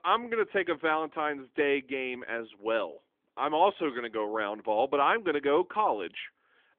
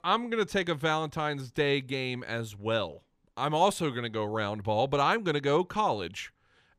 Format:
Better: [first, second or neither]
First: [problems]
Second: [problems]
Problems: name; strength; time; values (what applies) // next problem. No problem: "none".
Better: second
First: phone-call audio; nothing above 3.5 kHz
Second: none